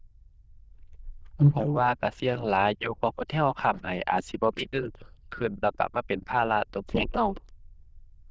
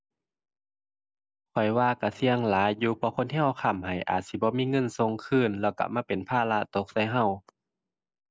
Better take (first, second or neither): second